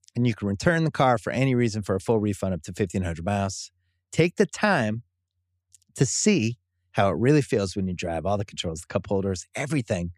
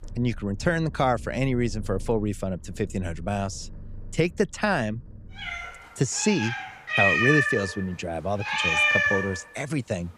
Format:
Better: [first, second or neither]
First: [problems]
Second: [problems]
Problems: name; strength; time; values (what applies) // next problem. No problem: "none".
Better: first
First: none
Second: animal sounds; very loud; throughout; 3 dB above the speech